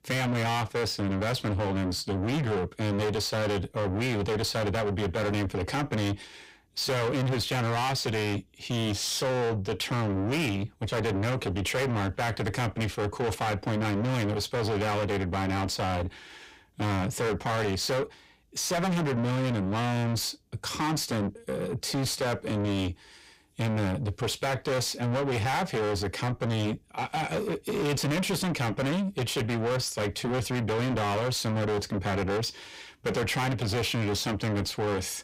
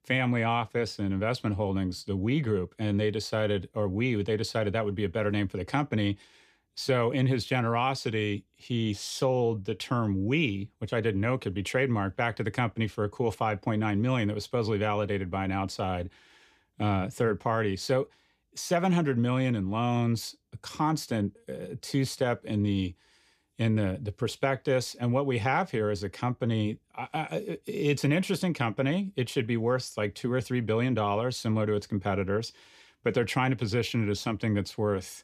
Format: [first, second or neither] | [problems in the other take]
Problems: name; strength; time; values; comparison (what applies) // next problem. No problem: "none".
second | distortion; heavy; 6 dB below the speech